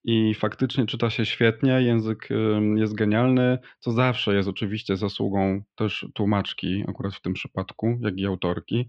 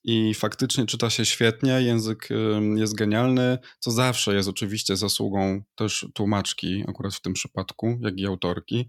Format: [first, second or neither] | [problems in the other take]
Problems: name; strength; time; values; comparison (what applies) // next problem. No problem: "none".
second | muffled; very; fading above 3 kHz